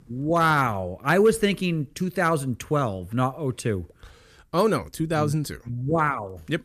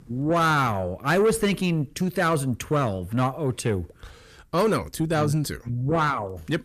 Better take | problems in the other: first | distortion; slight; 10 dB below the speech

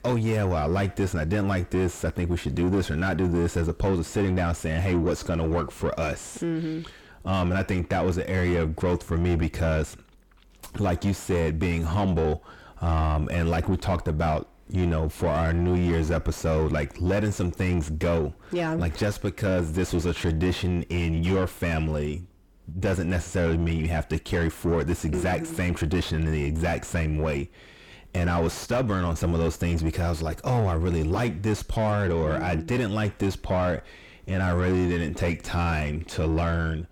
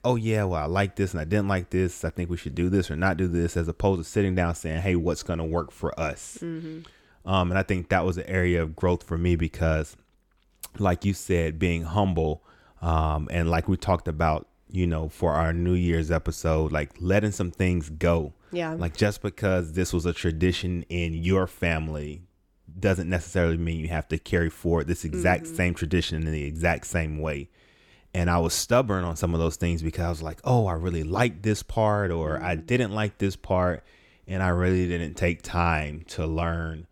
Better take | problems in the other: second | distortion; heavy; 6 dB below the speech

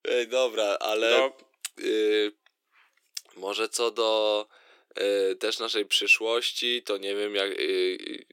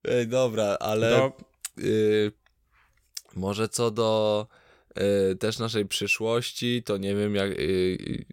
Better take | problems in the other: second | thin; very; fading below 300 Hz

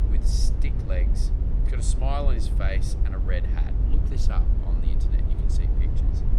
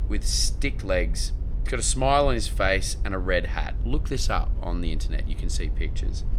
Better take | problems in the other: second | low rumble; loud; throughout; 5 dB below the speech; faint in the second

